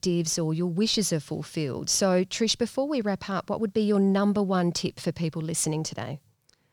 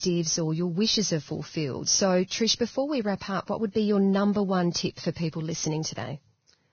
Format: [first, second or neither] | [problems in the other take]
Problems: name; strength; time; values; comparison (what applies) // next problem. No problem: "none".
first | garbled, watery; badly; nothing above 6.5 kHz